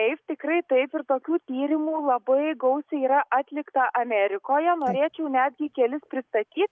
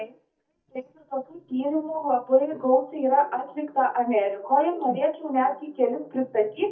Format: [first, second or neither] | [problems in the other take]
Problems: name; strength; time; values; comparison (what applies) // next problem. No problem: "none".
first | noise reduction (neural mask model DeepFilterNet 3)